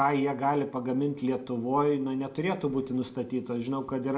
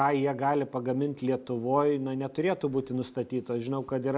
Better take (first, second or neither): second